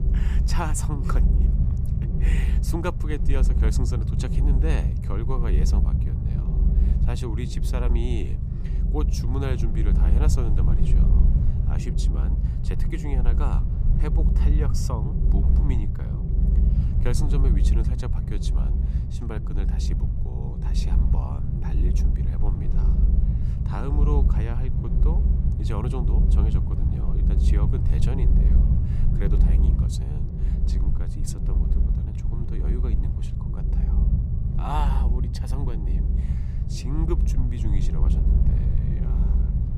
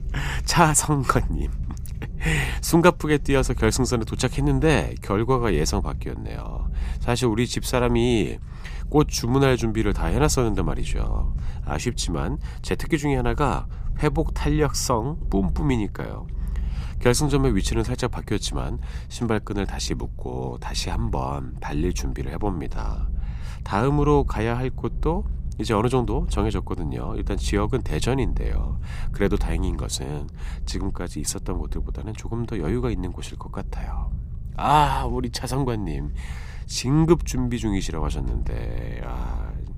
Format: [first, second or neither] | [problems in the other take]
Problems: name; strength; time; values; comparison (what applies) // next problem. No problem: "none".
second | low rumble; loud; throughout; 2 dB below the speech; faint in the second